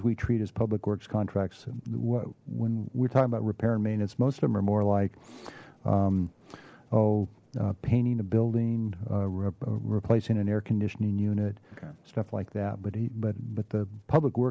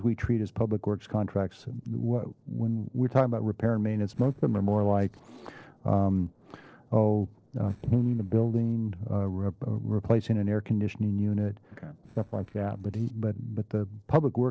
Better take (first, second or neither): first